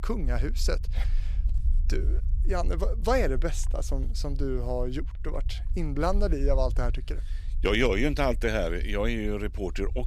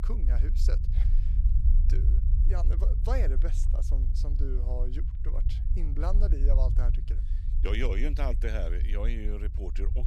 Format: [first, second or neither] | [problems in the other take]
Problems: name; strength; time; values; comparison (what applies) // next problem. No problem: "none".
first | low rumble; loud; throughout; 9 dB below the speech; faint in the first